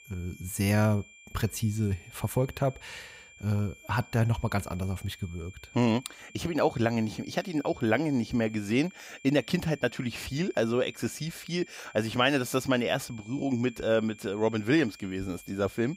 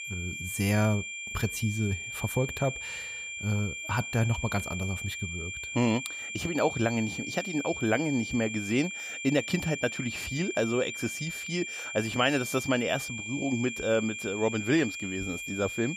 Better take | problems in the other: first | high-pitched whine; loud; throughout; 2.5 kHz, 5 dB below the speech; faint in the first

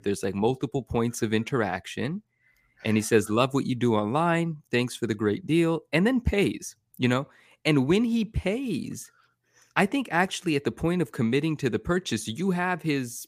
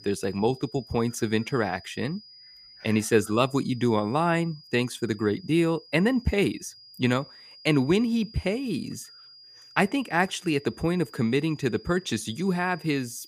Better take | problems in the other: first | high-pitched whine; faint; throughout; 5 kHz, 20 dB below the speech

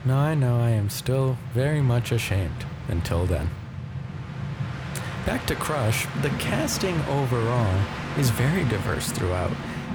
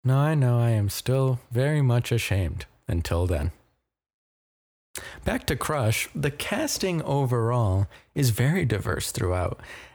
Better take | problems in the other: second | train or aircraft noise; loud; throughout; 7 dB below the speech

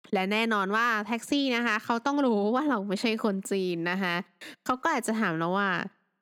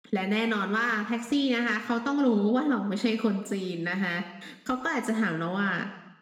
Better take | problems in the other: first | room echo; slight; dies away in 0.9 s

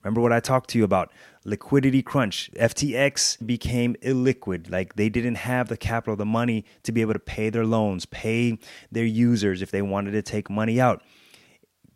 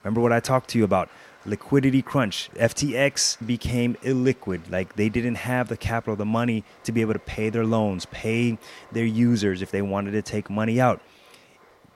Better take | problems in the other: first | crowd noise; faint; throughout; 25 dB below the speech

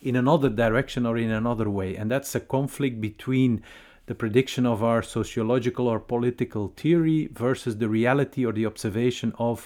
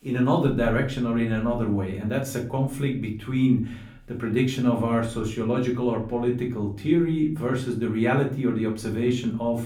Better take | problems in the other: first | room echo; slight; dies away in 0.4 s // off-mic speech; far

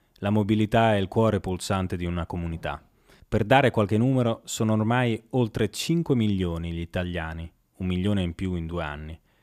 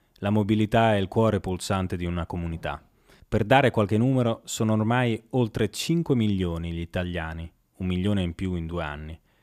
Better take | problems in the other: neither | none

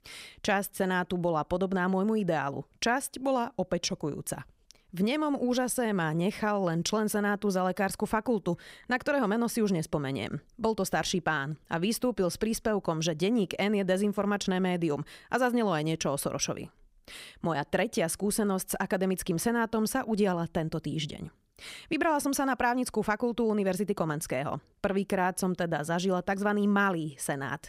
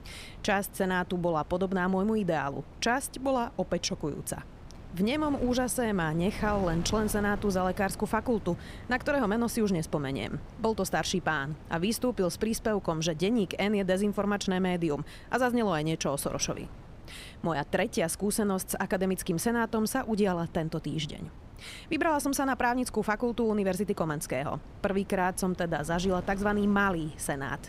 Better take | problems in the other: first | wind noise on the microphone; occasional gusts; 20 dB below the speech

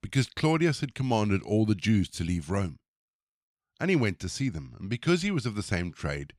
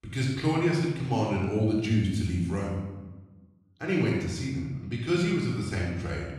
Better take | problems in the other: first | off-mic speech; far // room echo; noticeable; dies away in 1 s

